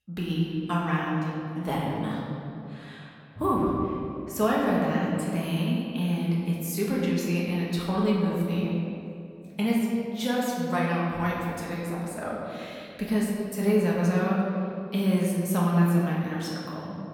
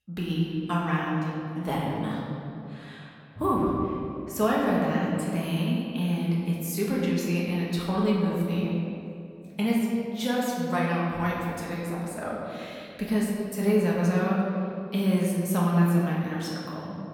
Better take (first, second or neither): neither